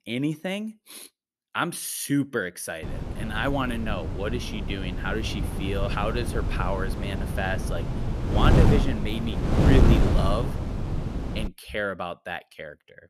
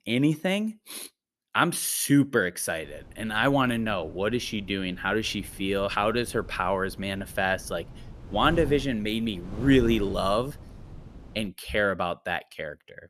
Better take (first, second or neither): second